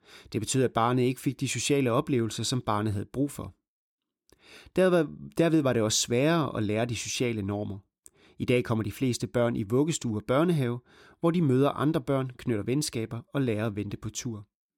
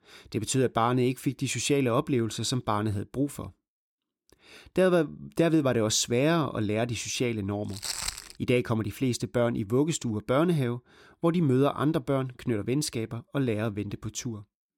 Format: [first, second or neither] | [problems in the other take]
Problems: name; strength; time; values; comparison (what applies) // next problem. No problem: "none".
first | footsteps; noticeable; at 8 s; peak 4 dB below the speech